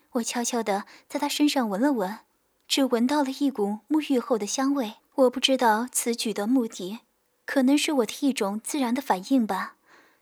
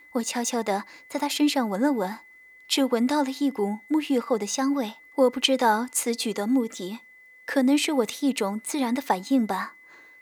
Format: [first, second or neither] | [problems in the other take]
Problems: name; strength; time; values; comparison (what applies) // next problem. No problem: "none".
first | high-pitched whine; faint; throughout; 2 kHz, 25 dB below the speech